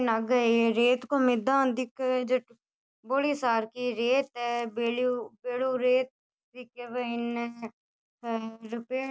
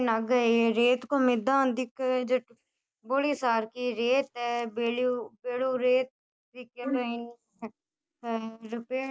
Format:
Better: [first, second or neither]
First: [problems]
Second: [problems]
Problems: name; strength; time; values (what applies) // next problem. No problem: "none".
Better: first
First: none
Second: noise reduction (neural mask model Resemble Enhance denoiser)